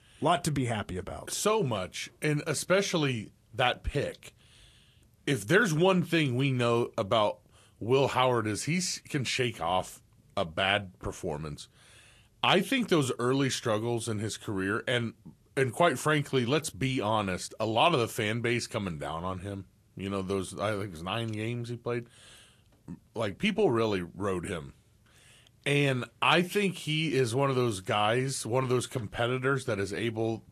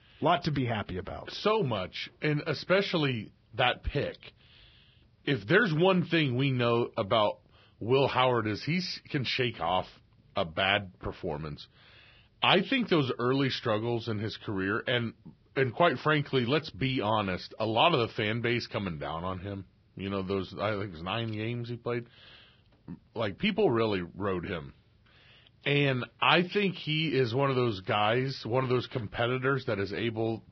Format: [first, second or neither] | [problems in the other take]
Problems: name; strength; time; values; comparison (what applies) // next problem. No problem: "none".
first | garbled, watery; badly; nothing above 5.5 kHz; slightly in the first